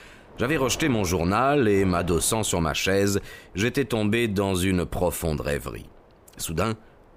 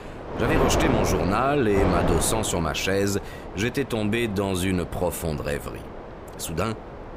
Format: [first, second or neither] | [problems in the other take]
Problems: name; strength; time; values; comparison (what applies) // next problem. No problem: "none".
first | wind noise on the microphone; heavy; 5 dB below the speech; occasional gusts in the first